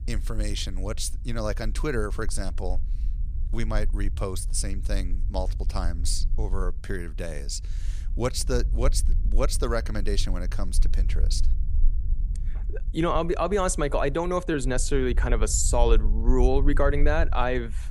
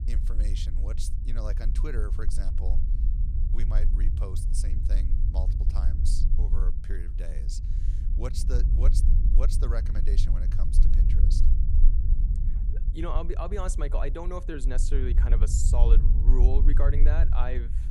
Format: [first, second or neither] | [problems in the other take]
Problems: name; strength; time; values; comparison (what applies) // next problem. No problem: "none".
first | low rumble; loud; throughout; 7 dB below the speech; faint in the first